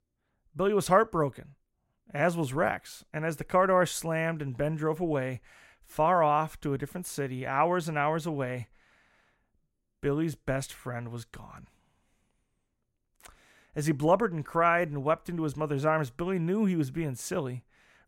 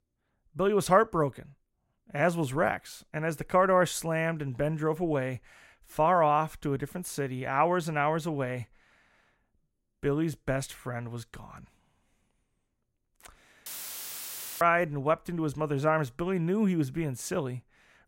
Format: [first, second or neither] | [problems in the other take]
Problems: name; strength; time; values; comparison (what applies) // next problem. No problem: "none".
first | audio cutting out; filled with static; at 14 s for 1 s